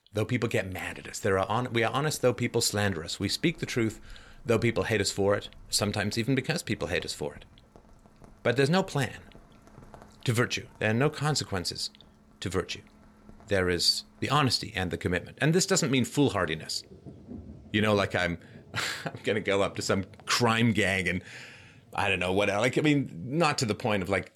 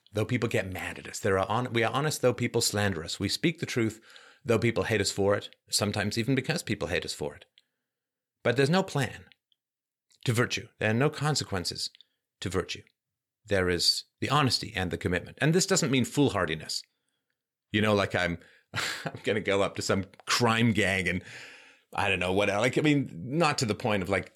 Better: second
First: rain or running water; faint; throughout; 25 dB below the speech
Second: none

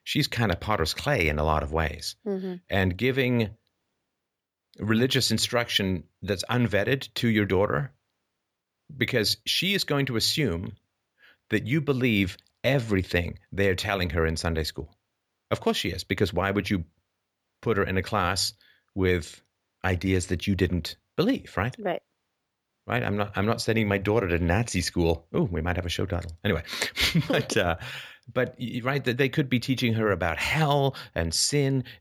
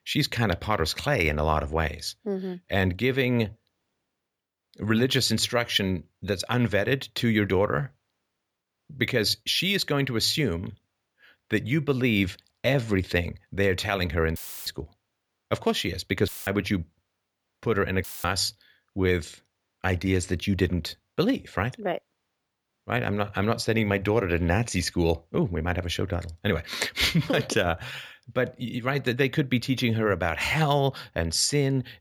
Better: first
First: none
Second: audio cutting out; filled with static; at 14 s, at 16 s and at 18 s

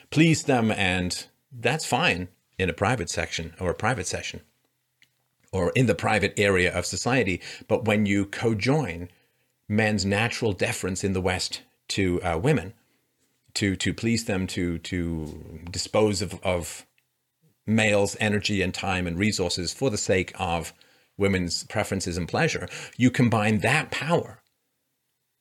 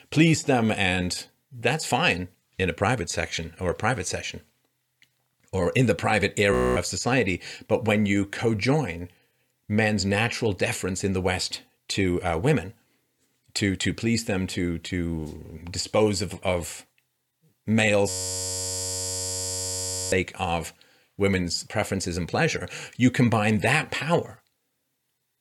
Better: first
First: none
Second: audio freezing; at 6.5 s and at 18 s for 2 s

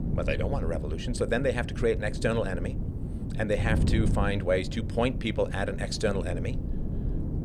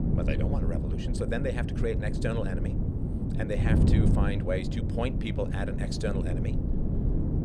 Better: first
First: wind noise on the microphone; occasional gusts; 10 dB below the speech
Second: wind noise on the microphone; heavy; 3 dB below the speech

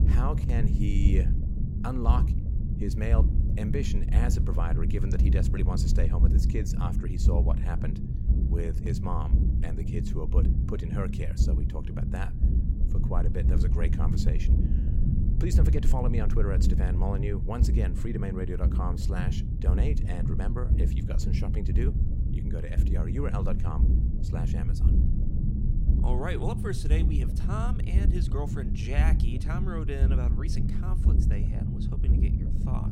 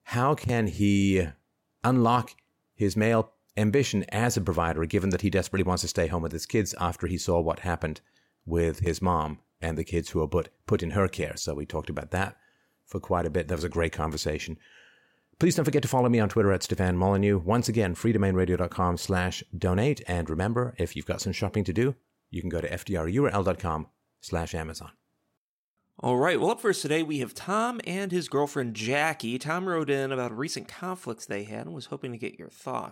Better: second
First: low rumble; loud; throughout; 3 dB below the speech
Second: none

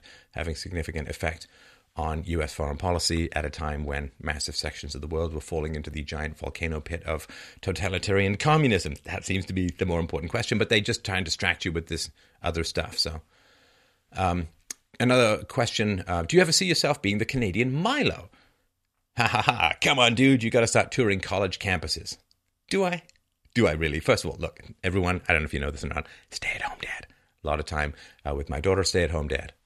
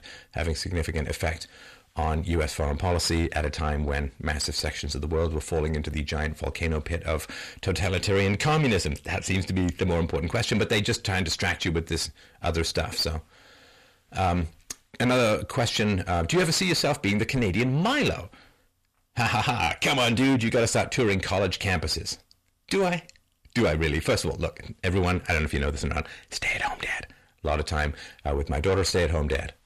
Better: first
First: none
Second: distortion; heavy; 7 dB below the speech

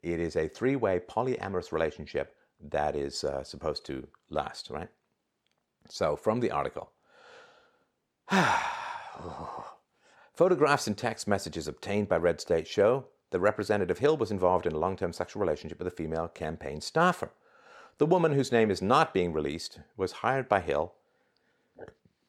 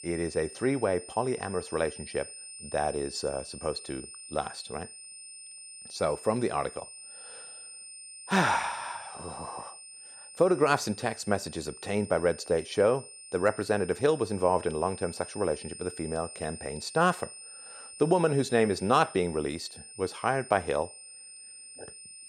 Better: first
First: none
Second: high-pitched whine; noticeable; throughout; 9 kHz, 15 dB below the speech

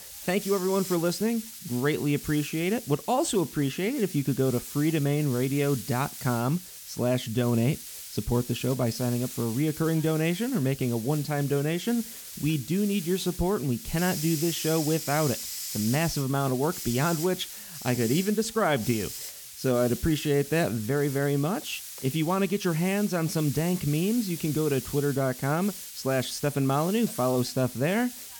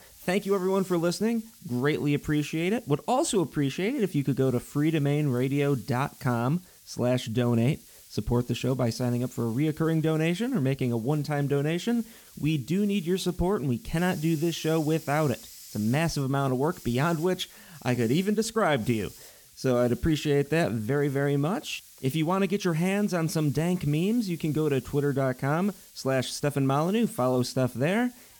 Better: second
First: hiss; loud; throughout; 10 dB below the speech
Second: hiss; faint; throughout; 20 dB below the speech

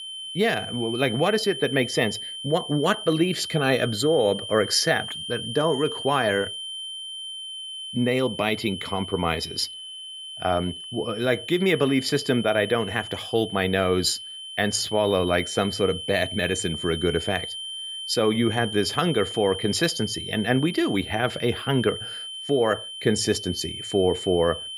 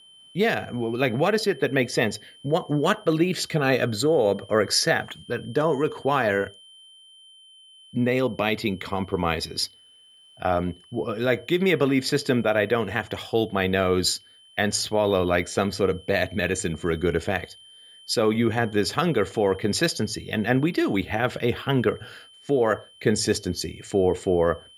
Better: second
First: high-pitched whine; loud; throughout; 3 kHz, 8 dB below the speech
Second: high-pitched whine; faint; throughout; 3 kHz, 25 dB below the speech

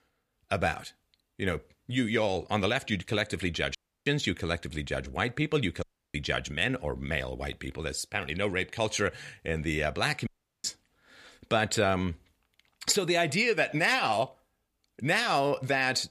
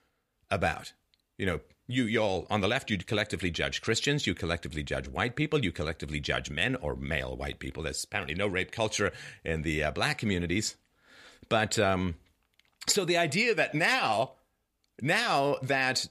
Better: second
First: audio cutting out; at 4 s, at 6 s and at 10 s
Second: none

